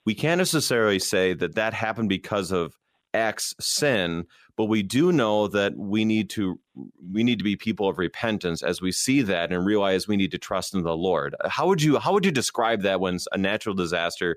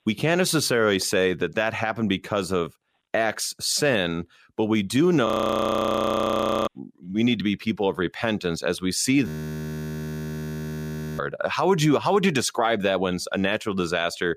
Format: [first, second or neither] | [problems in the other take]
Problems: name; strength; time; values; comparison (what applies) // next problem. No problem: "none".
first | audio freezing; at 5.5 s for 1.5 s and at 9.5 s for 2 s